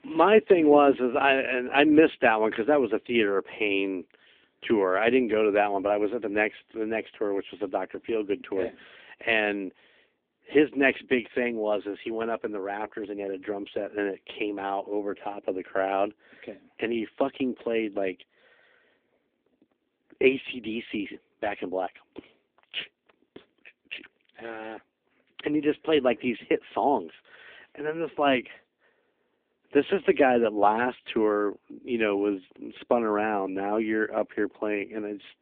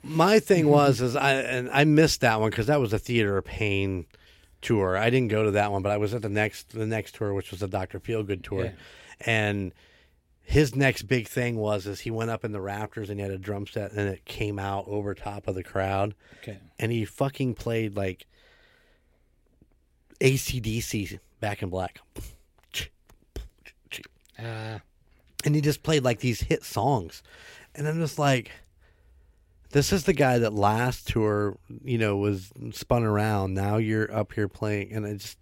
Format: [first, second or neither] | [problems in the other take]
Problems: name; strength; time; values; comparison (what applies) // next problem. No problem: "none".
second | phone-call audio